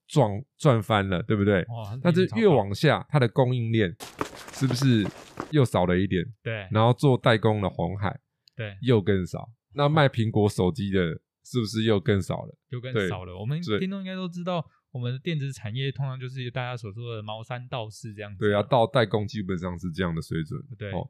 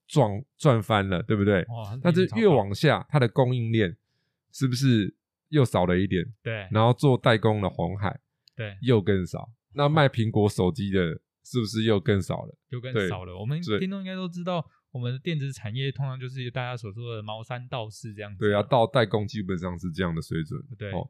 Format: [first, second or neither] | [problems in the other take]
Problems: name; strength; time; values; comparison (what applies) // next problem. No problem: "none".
second | footsteps; noticeable; from 4 to 5.5 s; peak 9 dB below the speech